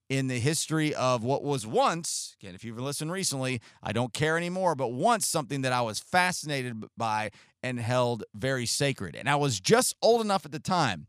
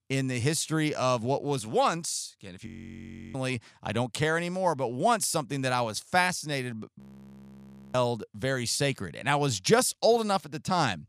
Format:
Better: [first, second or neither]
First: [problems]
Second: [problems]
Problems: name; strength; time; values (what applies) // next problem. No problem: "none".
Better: first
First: none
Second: audio freezing; at 2.5 s for 0.5 s and at 7 s for 1 s